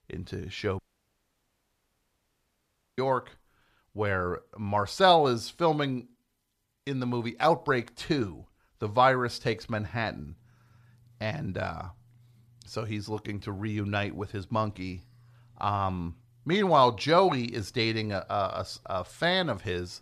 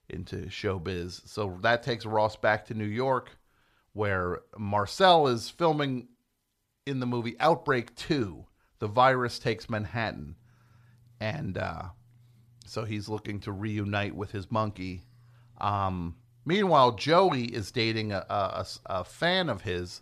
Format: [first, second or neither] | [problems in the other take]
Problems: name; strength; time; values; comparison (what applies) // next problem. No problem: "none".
second | audio cutting out; at 1 s for 2 s